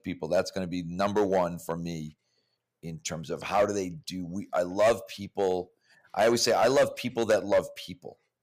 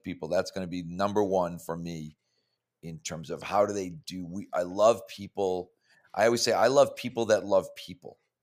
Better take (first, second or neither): second